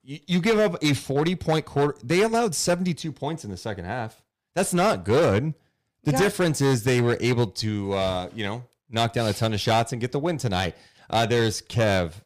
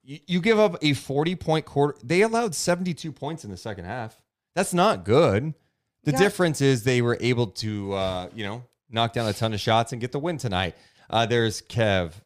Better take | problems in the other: second | distortion; slight; 7% of the sound clipped

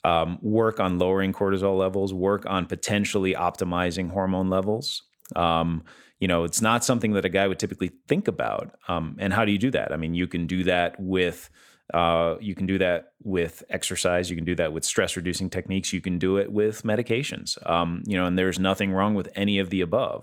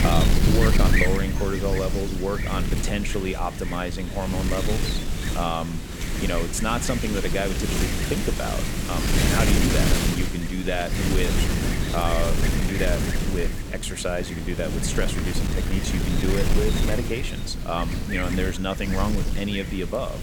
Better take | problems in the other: first | wind noise on the microphone; heavy; 1 dB below the speech

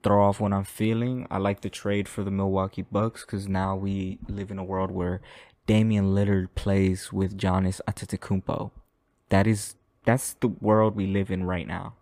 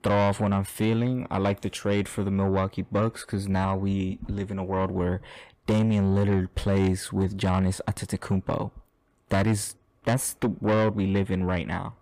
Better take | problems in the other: first | distortion; slight; 10 dB below the speech

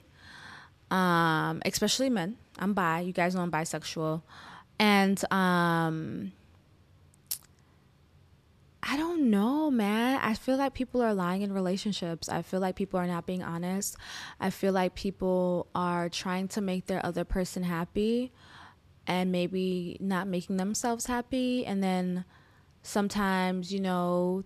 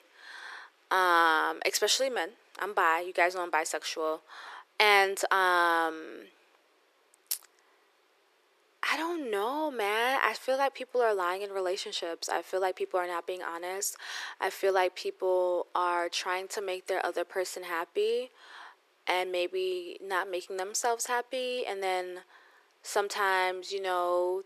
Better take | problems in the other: first | thin; very; fading below 350 Hz

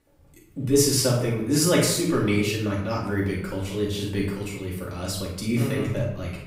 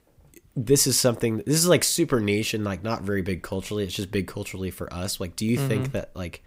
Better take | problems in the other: second | off-mic speech; far // room echo; noticeable; dies away in 0.7 s

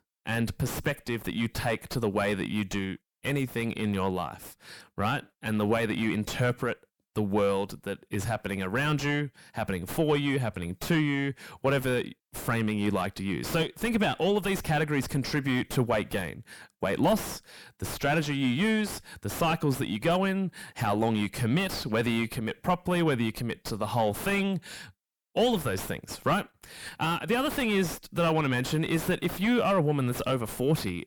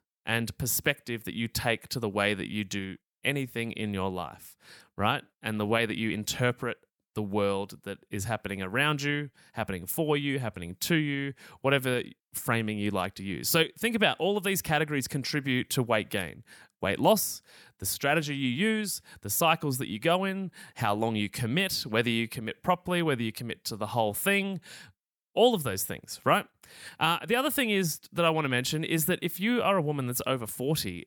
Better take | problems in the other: second | distortion; heavy; 5 dB below the speech

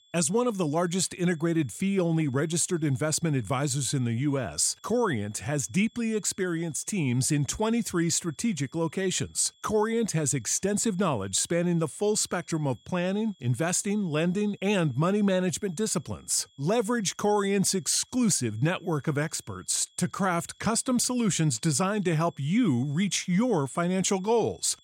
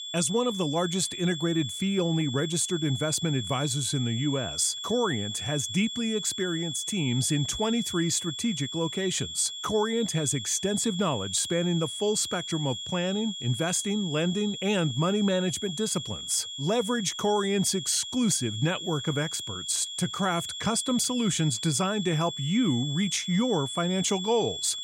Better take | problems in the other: first | high-pitched whine; loud; throughout; 3.5 kHz, 6 dB below the speech; faint in the first

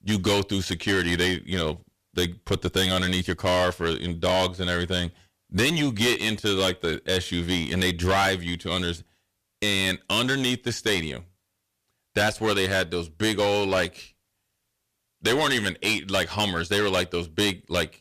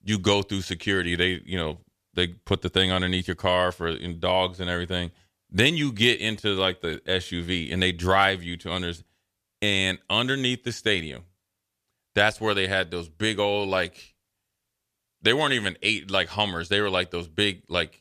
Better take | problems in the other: second | distortion; heavy; 11% of the sound clipped

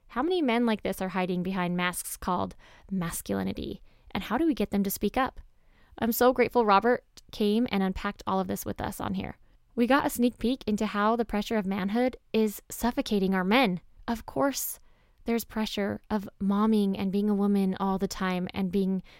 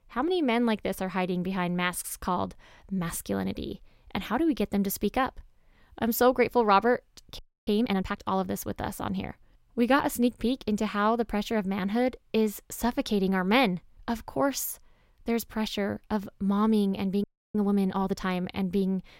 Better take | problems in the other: first | audio freezing; at 7.5 s and at 17 s

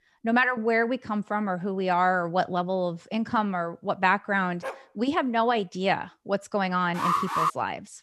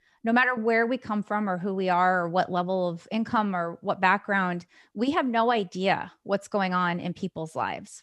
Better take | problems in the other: second | dog barking; faint; at 4.5 s; peak 10 dB below the speech // alarm; loud; at 7 s; peak 2 dB above the speech

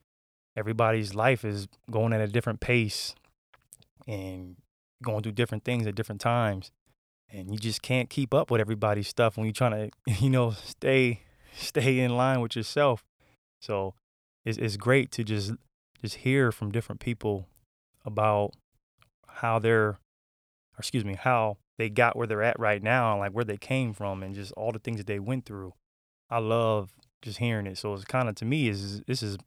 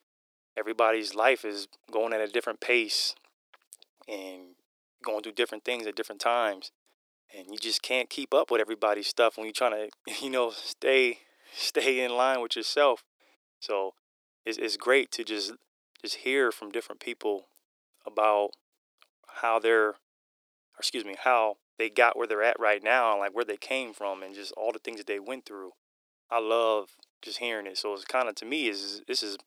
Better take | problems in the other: first | thin; very; fading below 300 Hz

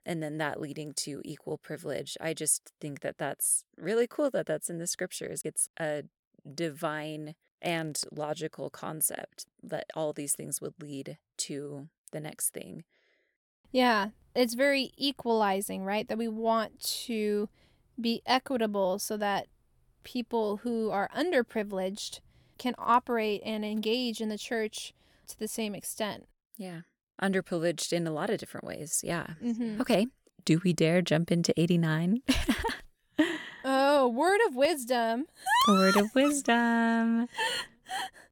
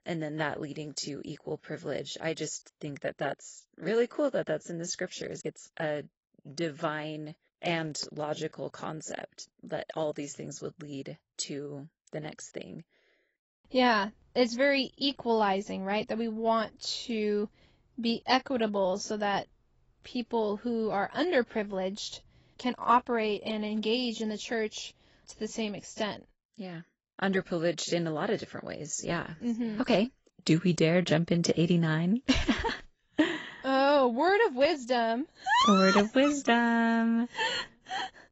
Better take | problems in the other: first | garbled, watery; badly; nothing above 8 kHz

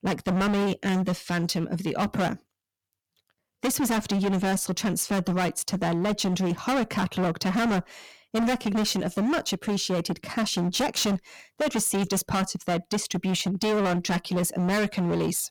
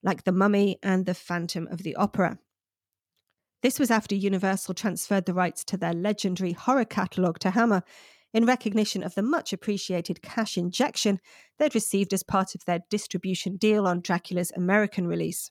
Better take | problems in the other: second | distortion; heavy; 24% of the sound clipped

